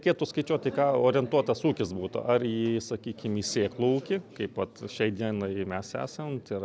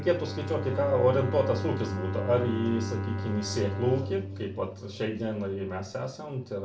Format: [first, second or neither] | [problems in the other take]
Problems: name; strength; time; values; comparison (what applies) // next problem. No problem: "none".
first | background sound (Bowed string instrument); 6 dB below the speech // room echo; dies away in 0.3 s